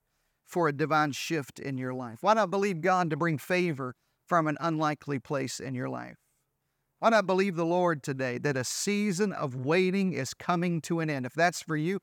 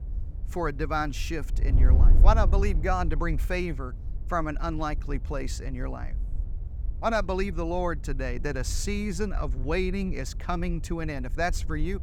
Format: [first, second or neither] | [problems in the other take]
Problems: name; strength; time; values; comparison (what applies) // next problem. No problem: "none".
first | wind noise on the microphone; occasional gusts; 20 dB below the speech